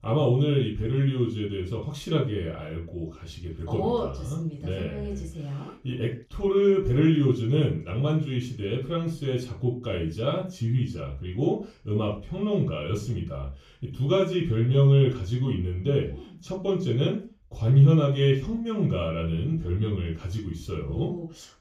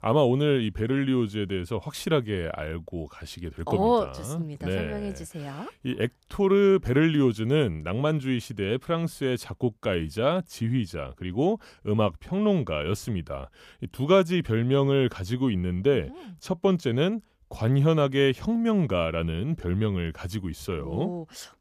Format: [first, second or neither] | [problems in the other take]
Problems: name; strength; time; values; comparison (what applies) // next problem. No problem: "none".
second | room echo; slight; dies away in 0.3 s // off-mic speech; far